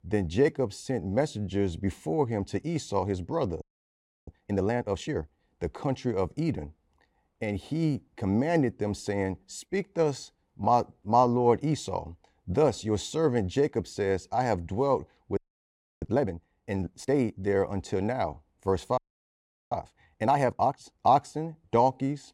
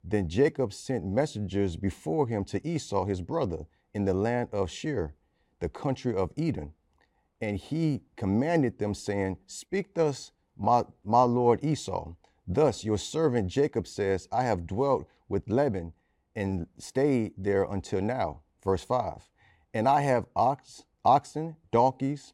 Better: second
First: audio freezing; at 3.5 s for 0.5 s, at 15 s for 0.5 s and at 19 s for 0.5 s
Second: none

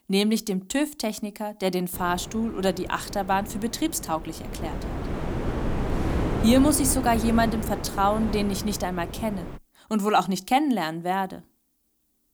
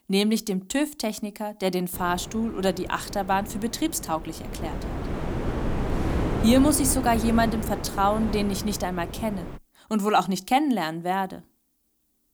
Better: neither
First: wind noise on the microphone; heavy; from 2 to 9.5 s; 10 dB below the speech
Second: wind noise on the microphone; heavy; from 2 to 9.5 s; 10 dB below the speech

